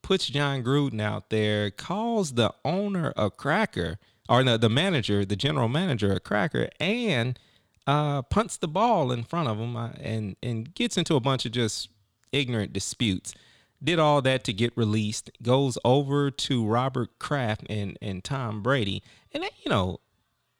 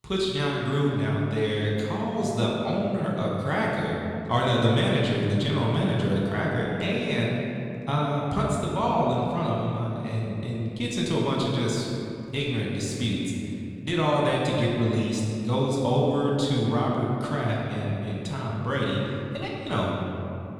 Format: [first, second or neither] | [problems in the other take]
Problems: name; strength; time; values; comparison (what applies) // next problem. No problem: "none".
first | room echo; noticeable; dies away in 2.5 s // off-mic speech; far